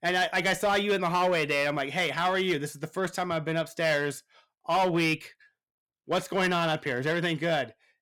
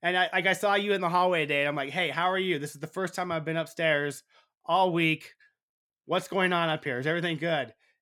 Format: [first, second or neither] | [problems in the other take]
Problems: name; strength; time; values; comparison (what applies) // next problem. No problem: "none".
second | distortion; slight; 6% of the sound clipped